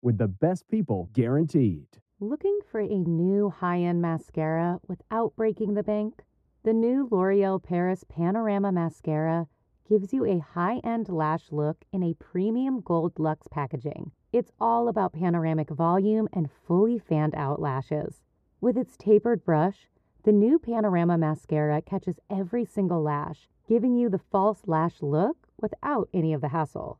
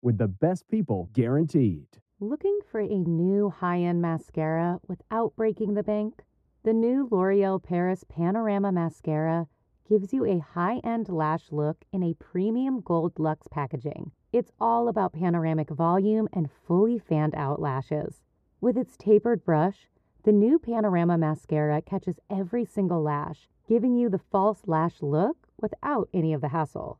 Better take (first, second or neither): neither